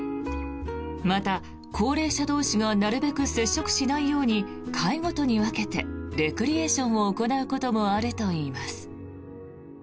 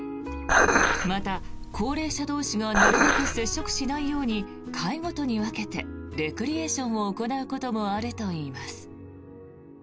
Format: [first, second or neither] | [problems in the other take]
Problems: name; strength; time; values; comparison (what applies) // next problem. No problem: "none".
first | background sound (Dishes, pots, and pans); 4 dB above the speech